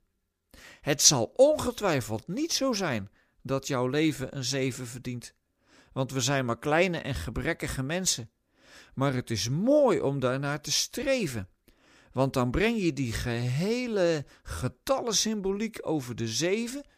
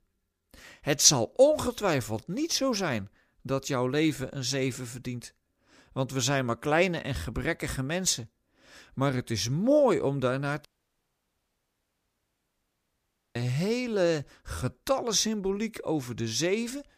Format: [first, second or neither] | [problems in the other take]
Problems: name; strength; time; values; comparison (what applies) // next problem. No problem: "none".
first | audio cutting out; at 11 s for 2.5 s